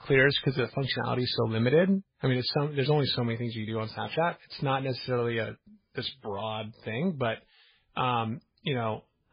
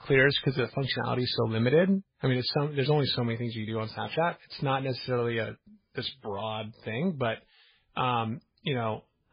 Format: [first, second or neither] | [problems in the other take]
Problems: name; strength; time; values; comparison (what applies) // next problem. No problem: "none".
neither | garbled, watery; badly; nothing above 5 kHz; the same in both